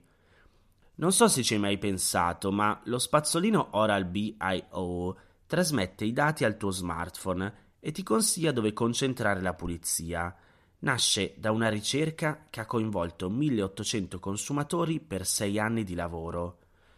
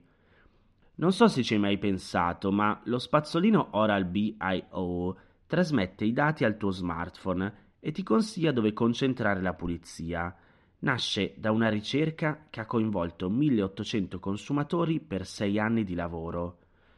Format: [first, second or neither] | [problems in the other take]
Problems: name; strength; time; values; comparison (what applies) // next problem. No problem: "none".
first | muffled; slightly; fading above 3 kHz